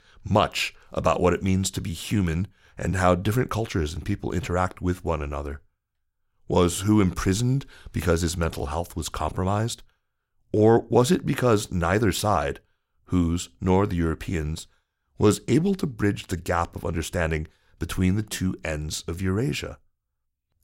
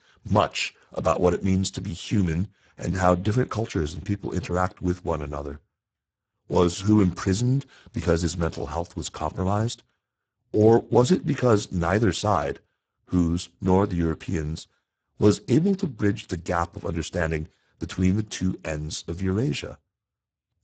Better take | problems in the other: first | garbled, watery; badly; nothing above 8 kHz

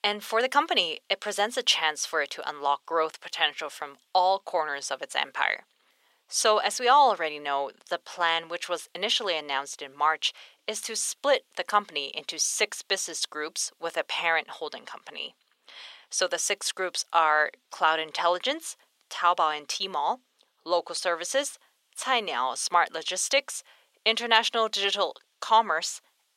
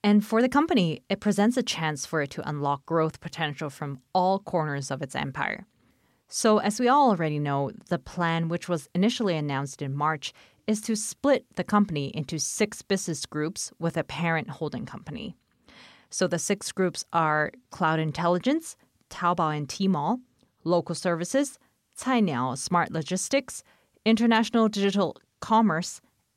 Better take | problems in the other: second | thin; very; fading below 550 Hz

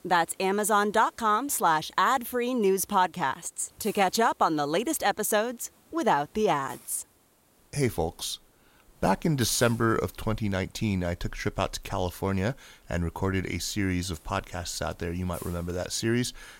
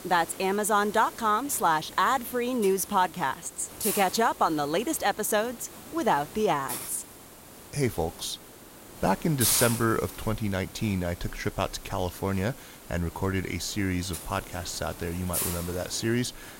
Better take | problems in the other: first | hiss; loud; throughout; 9 dB below the speech; faint in the first

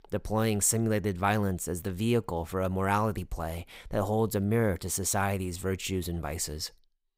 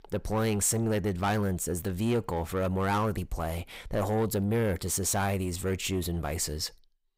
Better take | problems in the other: first | distortion; slight; 10 dB below the speech

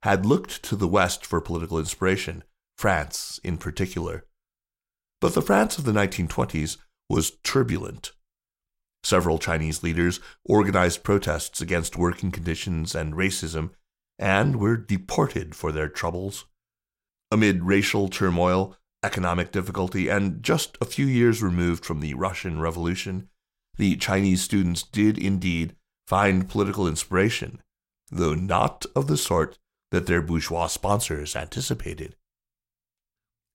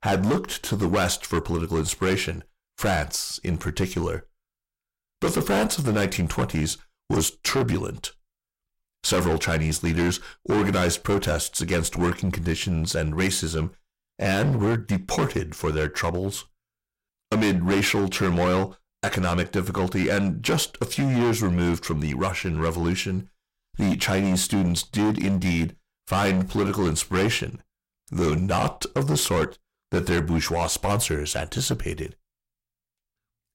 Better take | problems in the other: first | distortion; heavy; 12% of the sound clipped

